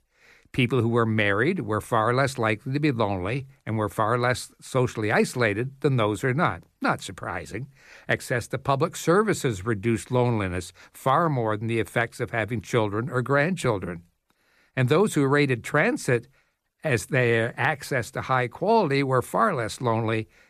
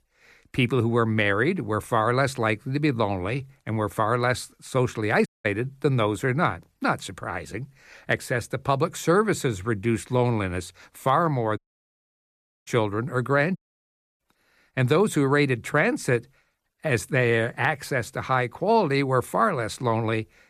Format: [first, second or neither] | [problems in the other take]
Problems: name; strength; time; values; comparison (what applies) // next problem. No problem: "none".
first | audio cutting out; at 5.5 s, at 12 s for 1 s and at 14 s for 0.5 s